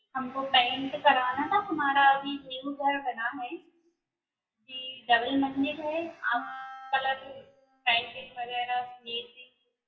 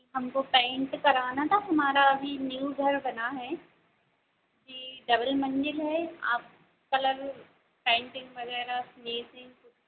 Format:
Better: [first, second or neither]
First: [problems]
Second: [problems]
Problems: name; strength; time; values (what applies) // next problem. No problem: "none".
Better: second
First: noise reduction (classical method WPE with log-MMSE)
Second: none